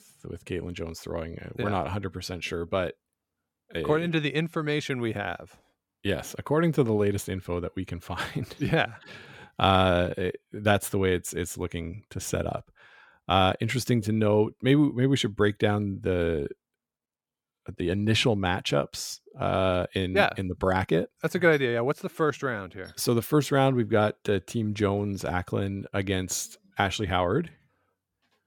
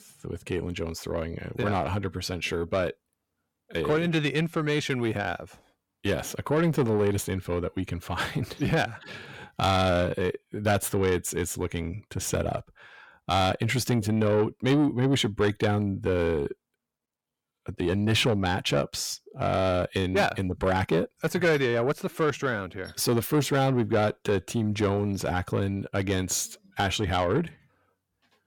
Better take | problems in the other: first | distortion; slight; 10 dB below the speech

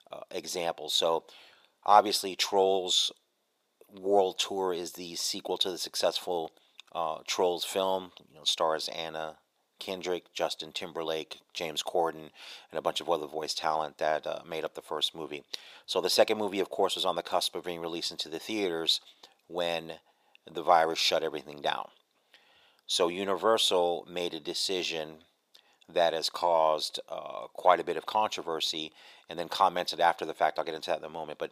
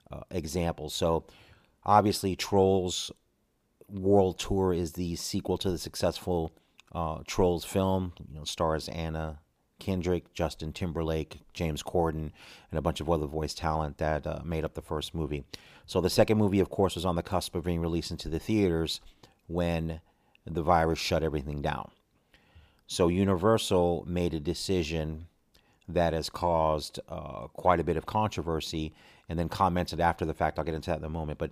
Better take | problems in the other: second | thin; very; fading below 450 Hz

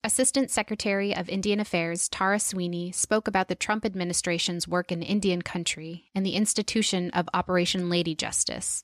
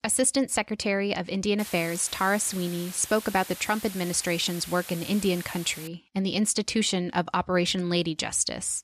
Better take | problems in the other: first | hiss; noticeable; from 1.5 to 6 s; 15 dB below the speech

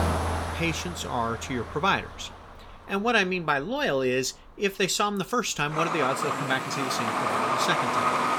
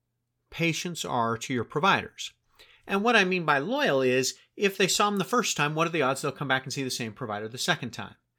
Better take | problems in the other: second | traffic noise; loud; throughout; 2 dB below the speech

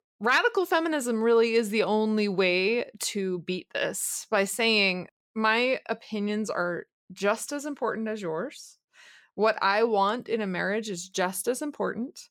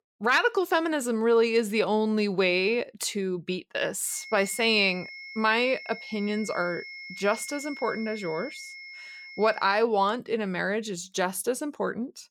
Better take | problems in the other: first | high-pitched whine; noticeable; from 4 to 9.5 s; 2 kHz, 15 dB below the speech

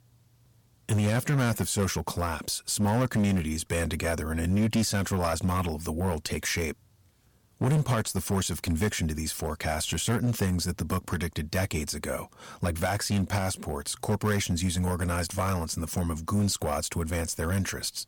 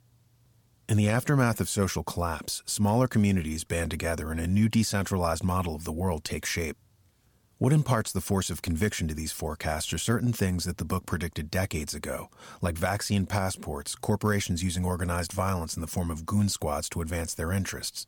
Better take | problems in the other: second | distortion; slight; 6% of the sound clipped

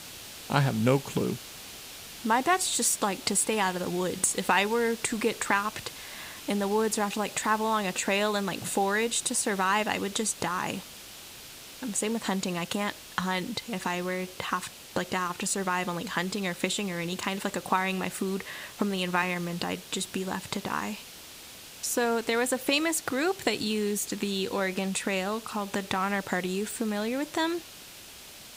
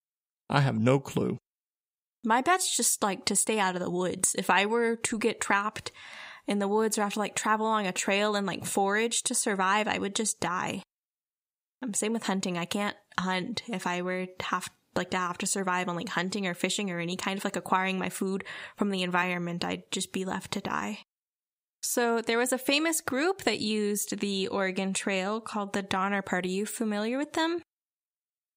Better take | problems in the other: second | hiss; noticeable; throughout; 15 dB below the speech

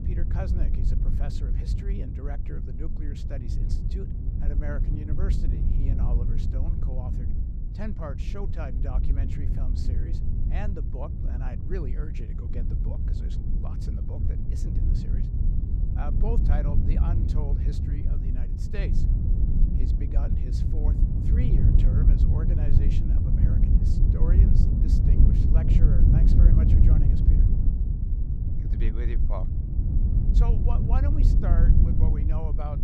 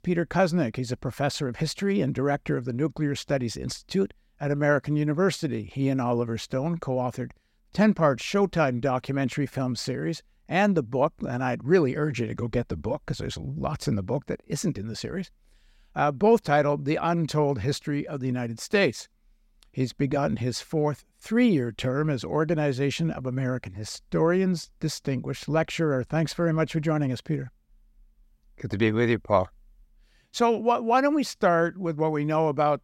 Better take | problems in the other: second | wind noise on the microphone; heavy; 2 dB above the speech

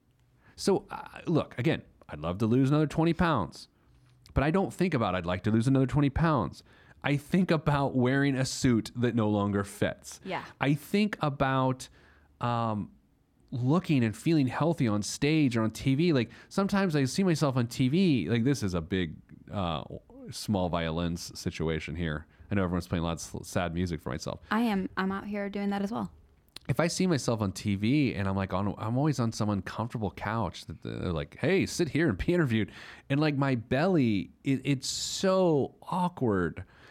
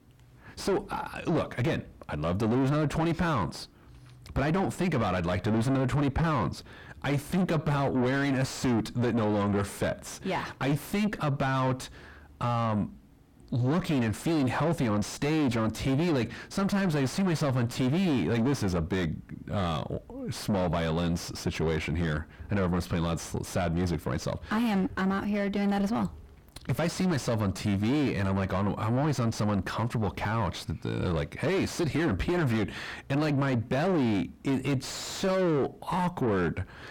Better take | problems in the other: first | distortion; heavy; 5 dB below the speech

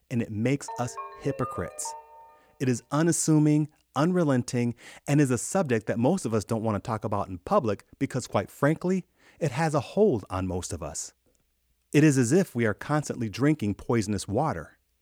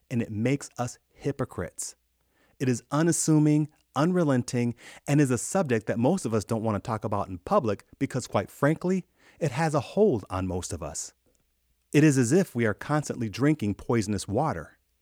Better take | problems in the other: second | phone ringing; faint; from 0.5 to 2.5 s; peak 10 dB below the speech

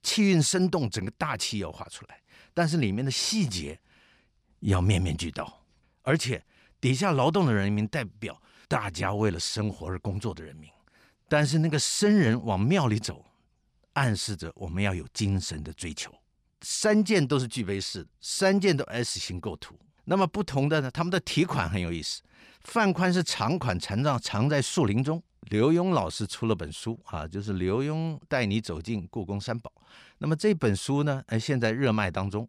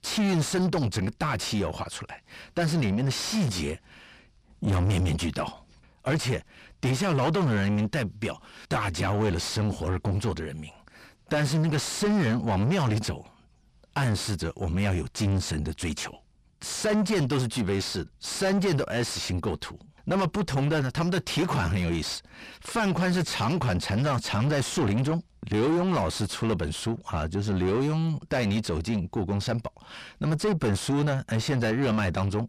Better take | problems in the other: first | distortion; heavy; 6 dB below the speech

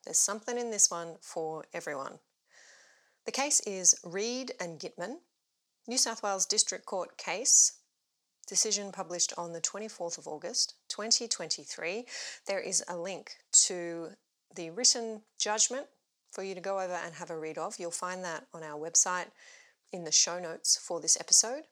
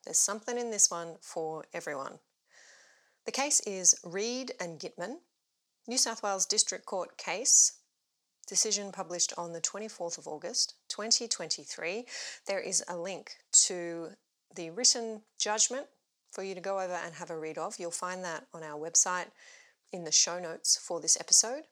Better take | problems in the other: neither | thin; very slightly; fading below 600 Hz; the same in both

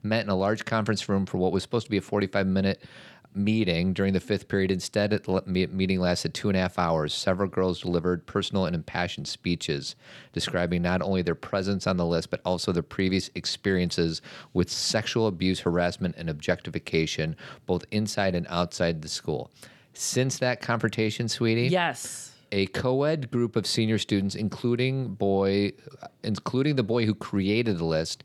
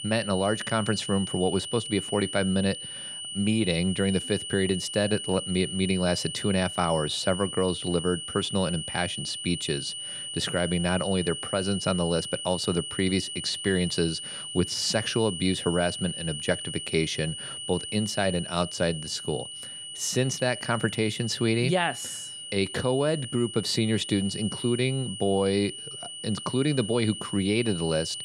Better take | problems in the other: first | high-pitched whine; loud; throughout; 3 kHz, 7 dB below the speech

